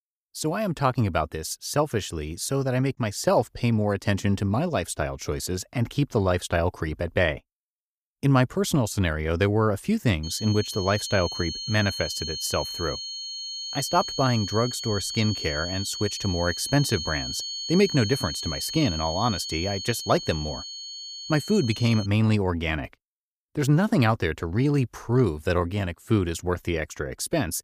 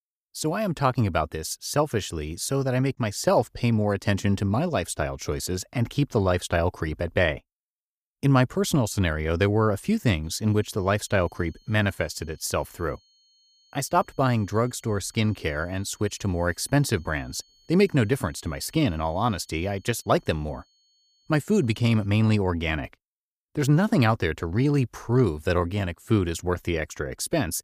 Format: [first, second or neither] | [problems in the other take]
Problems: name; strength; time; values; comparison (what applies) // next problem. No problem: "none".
second | high-pitched whine; loud; from 10 to 22 s; 4.5 kHz, 6 dB below the speech; faint in the second